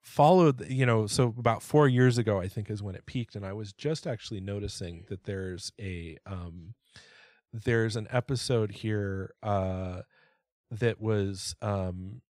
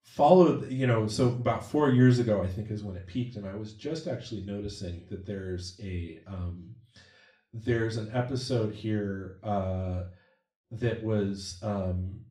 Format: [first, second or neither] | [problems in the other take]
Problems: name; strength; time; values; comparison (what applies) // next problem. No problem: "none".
first | room echo; slight; dies away in 0.4 s // off-mic speech; far